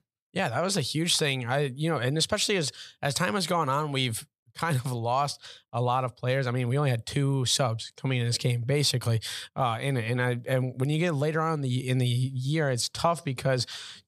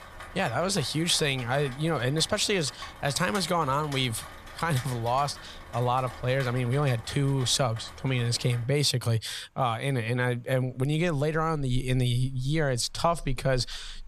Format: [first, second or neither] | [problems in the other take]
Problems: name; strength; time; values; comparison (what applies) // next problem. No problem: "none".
first | rain or running water; noticeable; throughout; 15 dB below the speech